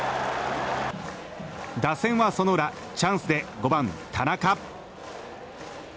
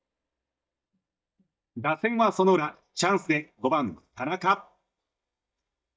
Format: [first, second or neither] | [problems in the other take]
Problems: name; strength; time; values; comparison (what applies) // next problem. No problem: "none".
first | noise reduction (neural mask model DeepFilterNet 3)